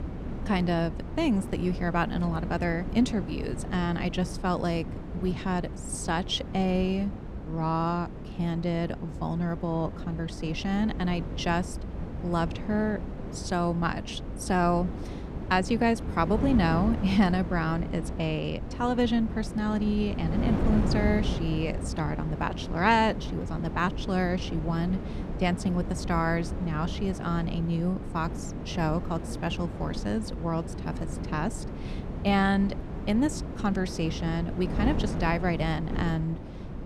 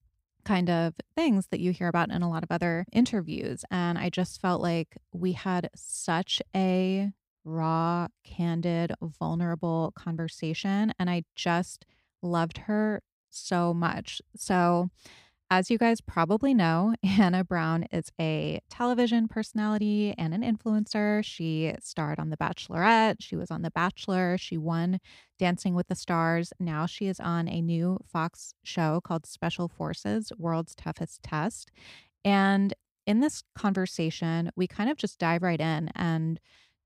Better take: second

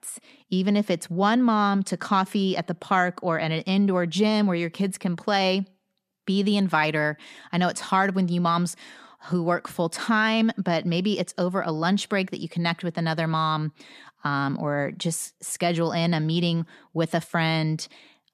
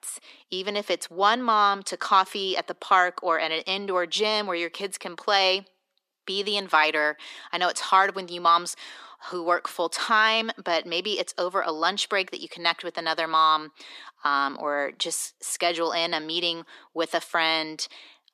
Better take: first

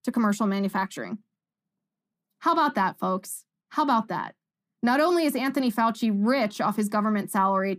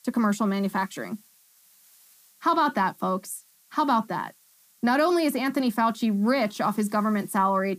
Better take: first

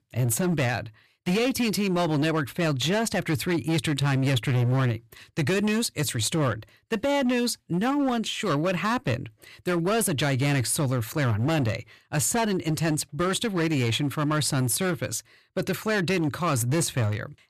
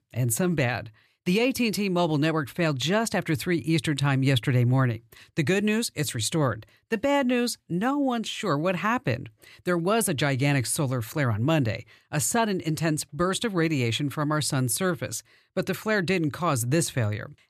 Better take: second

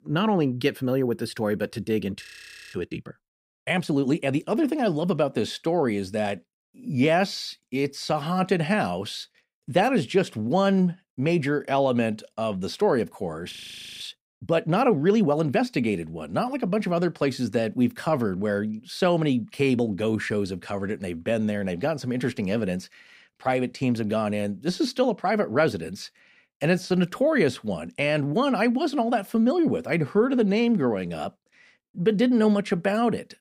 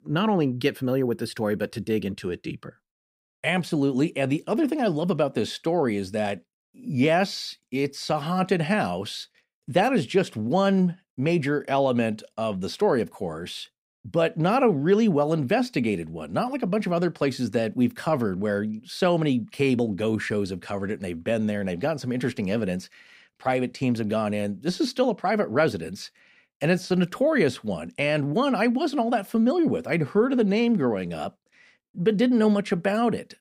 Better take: second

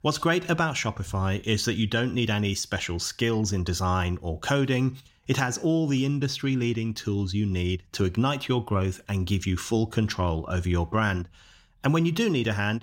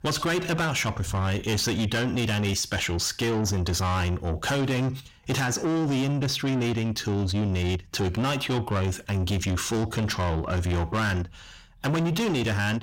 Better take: first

